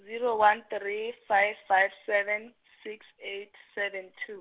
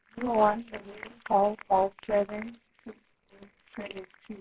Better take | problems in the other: first | noise reduction (neural separator model SepFormer WHAMR!)

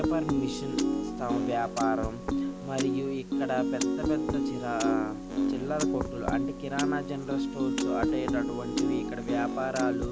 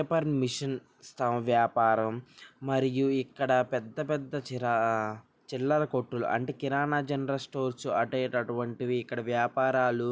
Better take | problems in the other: second | background sound (Piano); 4 dB above the speech

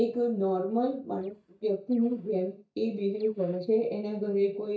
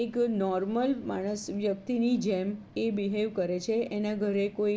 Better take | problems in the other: second | noise reduction (neural mask model DeepFilterNet 3)

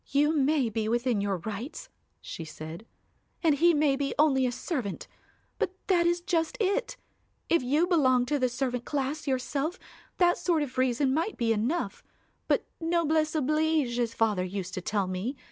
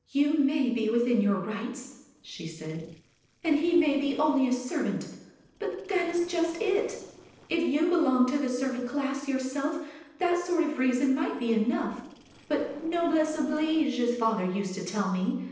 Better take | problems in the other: first | noise reduction (neural separator model SepFormer DNS4)

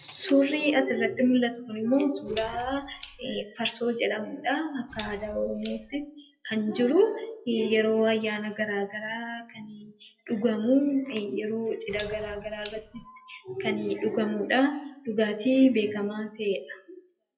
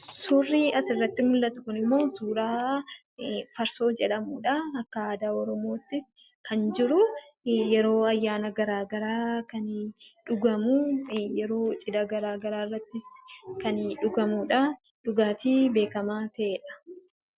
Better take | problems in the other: second | noise reduction (classical method WPE with log-MMSE)

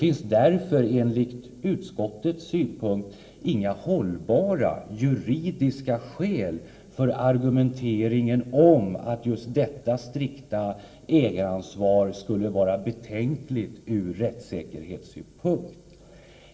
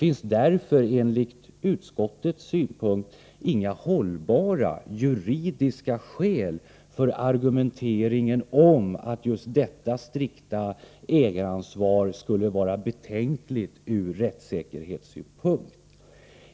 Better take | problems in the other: second | room echo; dies away in 1.5 s

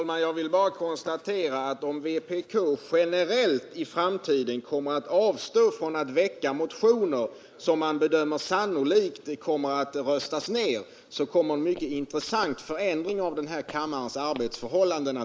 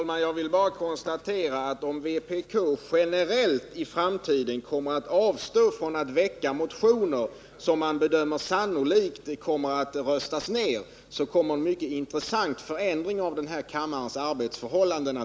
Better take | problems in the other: second | noise reduction (neural mask model Resemble Enhance denoiser)

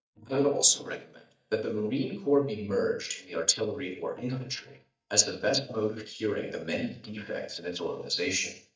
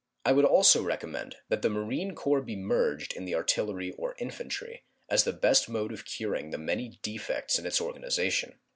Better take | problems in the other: second | noise reduction (neural mask model DeepFilterNet 3)

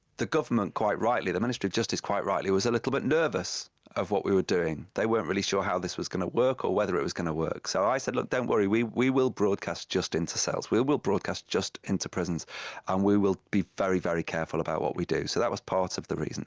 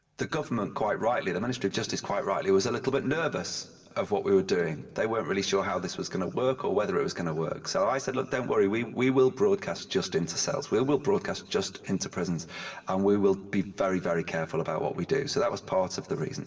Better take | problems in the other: first | room echo; dies away in 1.8 s

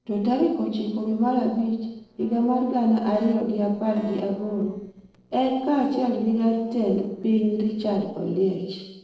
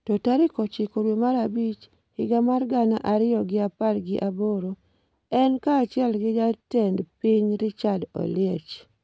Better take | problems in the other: second | noise reduction (neural separator model SepFormer DNS4)

